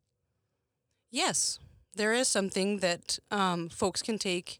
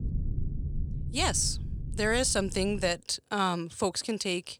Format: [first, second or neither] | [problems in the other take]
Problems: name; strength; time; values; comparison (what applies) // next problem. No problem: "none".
first | low rumble; faint; until 3 s; 20 dB below the speech